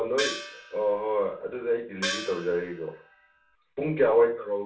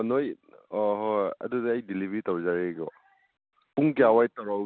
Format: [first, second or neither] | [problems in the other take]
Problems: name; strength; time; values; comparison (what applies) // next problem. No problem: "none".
second | background sound (Gong); 9 dB below the speech // room echo; dies away in 0.3 s